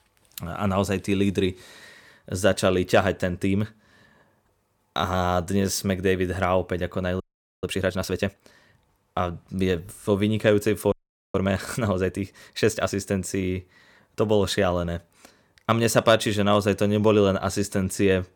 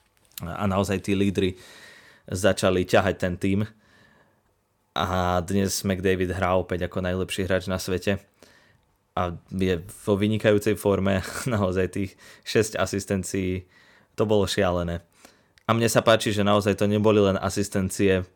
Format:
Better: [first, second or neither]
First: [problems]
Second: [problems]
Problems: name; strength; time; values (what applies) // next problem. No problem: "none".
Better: second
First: audio freezing; at 7 s and at 11 s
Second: none